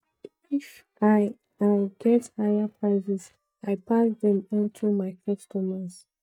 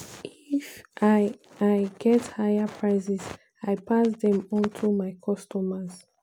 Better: second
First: noise reduction (neural mask model DeepFilterNet 3)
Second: none

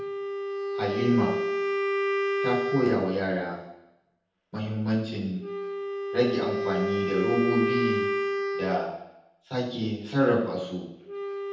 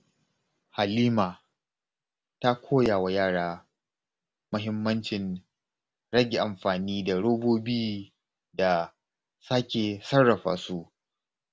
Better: second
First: background sound (Wind instrument, woodwind instrument); 1 dB below the speech // room echo; dies away in 0.8 s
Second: none

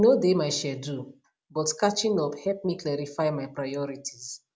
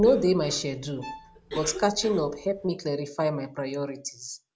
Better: first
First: none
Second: background sound (Cough + Bowed string instrument); 17 dB below the speech

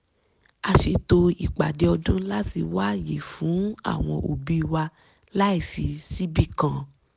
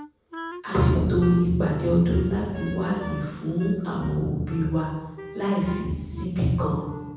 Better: first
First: none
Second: background sound (Wind instrument, woodwind instrument); 17 dB below the speech // room echo; dies away in 1.1 s

